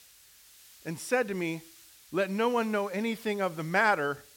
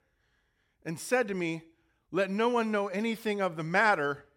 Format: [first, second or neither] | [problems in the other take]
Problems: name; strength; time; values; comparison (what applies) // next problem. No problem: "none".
second | hiss; faint; throughout; 25 dB below the speech